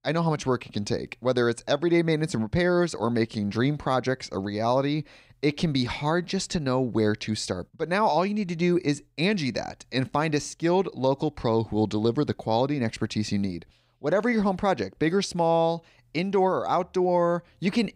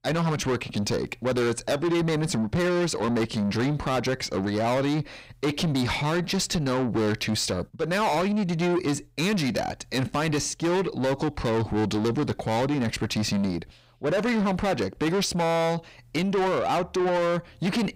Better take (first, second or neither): first